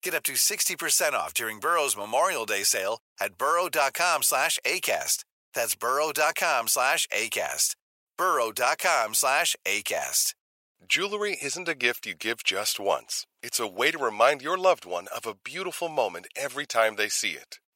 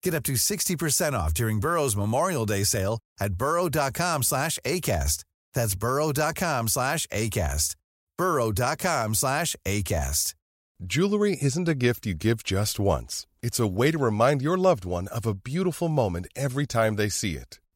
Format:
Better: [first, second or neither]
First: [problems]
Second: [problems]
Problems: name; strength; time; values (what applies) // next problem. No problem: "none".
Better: second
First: thin; very; fading below 650 Hz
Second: none